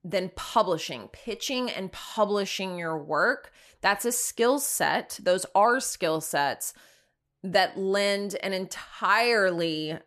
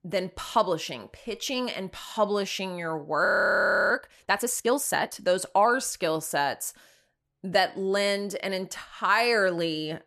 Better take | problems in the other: first | audio freezing; at 3.5 s for 0.5 s

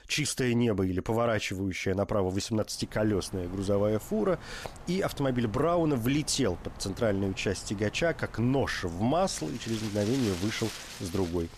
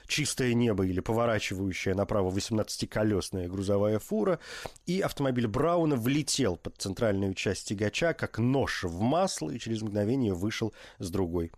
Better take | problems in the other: second | wind in the background; noticeable; from 3 s on; 15 dB below the speech

